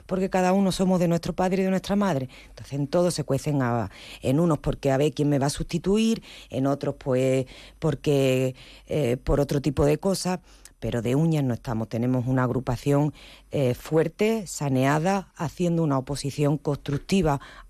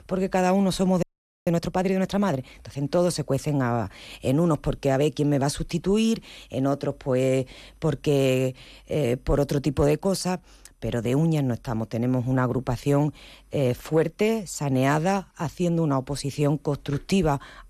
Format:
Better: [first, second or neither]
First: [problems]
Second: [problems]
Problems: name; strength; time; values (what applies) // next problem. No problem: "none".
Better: first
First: none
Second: audio freezing; at 1 s